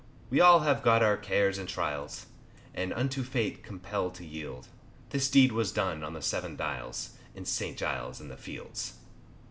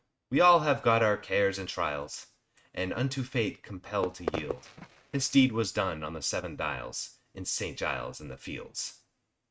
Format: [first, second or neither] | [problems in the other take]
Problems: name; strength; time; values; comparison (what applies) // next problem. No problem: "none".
first | noise reduction (neural mask model RNNoise)